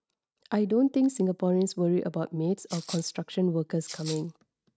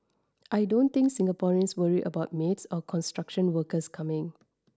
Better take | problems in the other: second | noise reduction (neural mask model RNNoise)

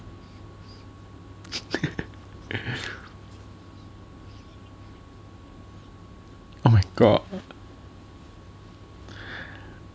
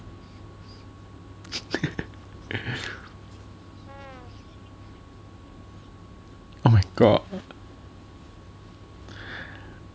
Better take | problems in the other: first | background sound (Brass instrument); 19 dB below the speech

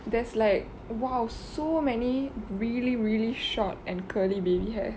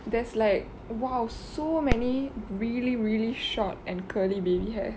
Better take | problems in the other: first | background sound (Fireworks); 10 dB below the speech

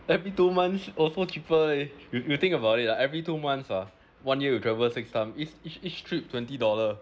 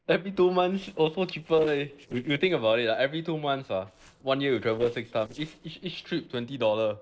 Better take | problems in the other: first | noise reduction (neural separator model SepFormer DNS4)

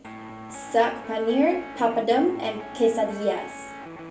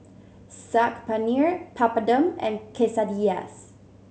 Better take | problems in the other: second | background sound (Guitar); 14 dB below the speech // room echo; dies away in 0.3 s

